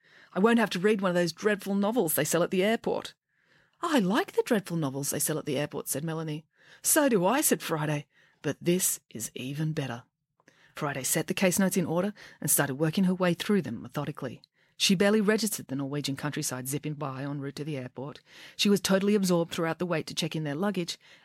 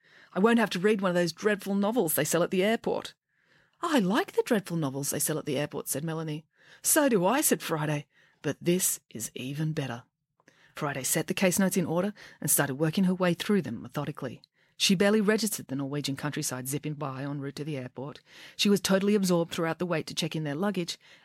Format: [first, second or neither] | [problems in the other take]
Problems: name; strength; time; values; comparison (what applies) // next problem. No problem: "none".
neither | none